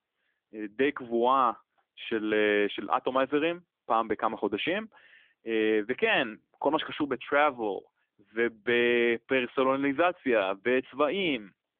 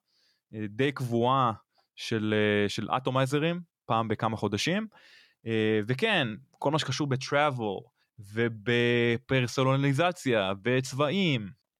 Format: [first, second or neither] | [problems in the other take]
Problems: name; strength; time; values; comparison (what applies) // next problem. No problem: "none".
second | phone-call audio; nothing above 3.5 kHz